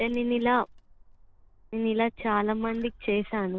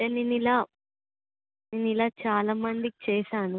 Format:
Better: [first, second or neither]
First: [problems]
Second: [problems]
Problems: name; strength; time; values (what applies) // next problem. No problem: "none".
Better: second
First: background sound (Tearing / Wood); 19 dB below the speech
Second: none